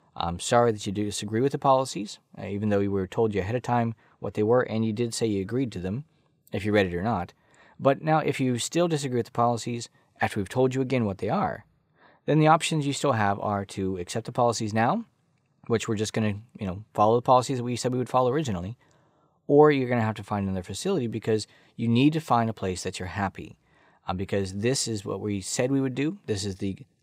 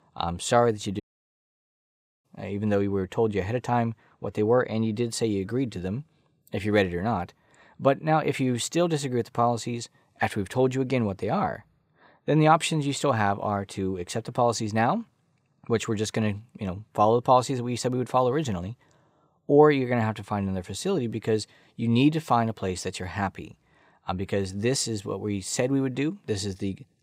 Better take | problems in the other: first | audio cutting out; at 1 s for 1 s

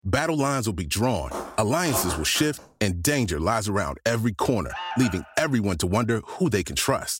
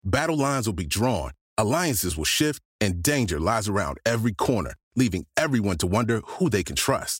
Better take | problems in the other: second | footsteps; noticeable; from 1.5 to 2.5 s; peak 6 dB below the speech // alarm; noticeable; at 4.5 s; peak 7 dB below the speech

